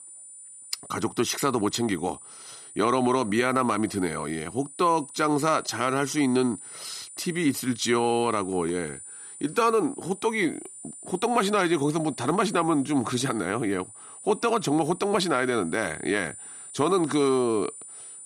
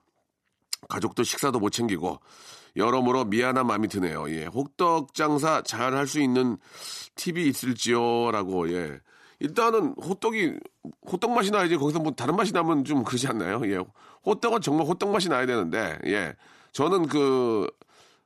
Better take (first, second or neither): second